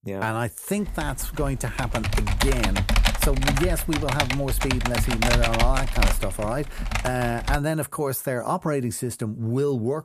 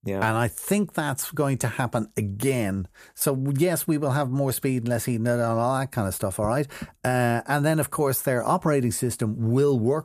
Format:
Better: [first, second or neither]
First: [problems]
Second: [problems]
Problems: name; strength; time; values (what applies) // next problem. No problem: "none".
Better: second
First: keyboard typing; loud; from 1 to 7.5 s; peak 5 dB above the speech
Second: none